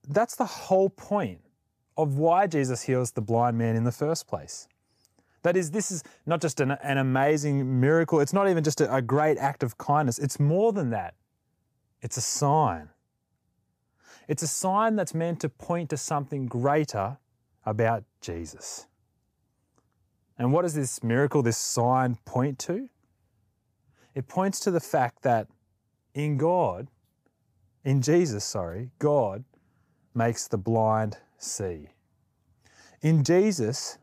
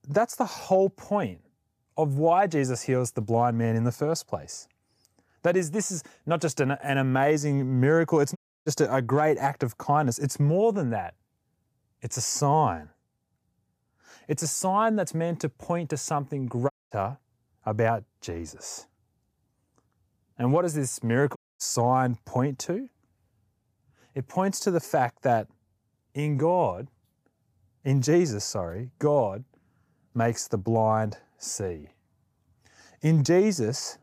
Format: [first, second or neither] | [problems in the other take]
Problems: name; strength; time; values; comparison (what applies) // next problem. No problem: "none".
first | audio cutting out; at 8.5 s, at 17 s and at 21 s